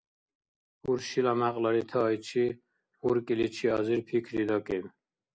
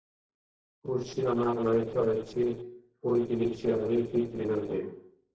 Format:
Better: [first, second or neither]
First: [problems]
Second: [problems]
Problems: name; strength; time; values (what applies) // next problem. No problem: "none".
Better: first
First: none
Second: noise reduction (neural separator model SepFormer DNS4)